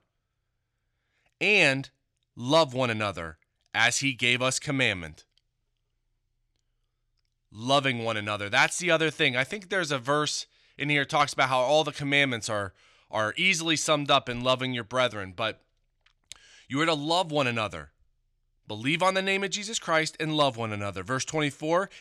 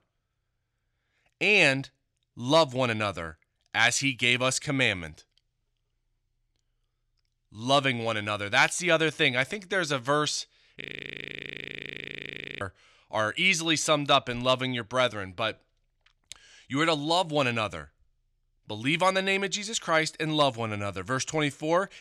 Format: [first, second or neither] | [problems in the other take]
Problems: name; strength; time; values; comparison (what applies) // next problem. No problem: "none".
first | audio freezing; at 11 s for 2 s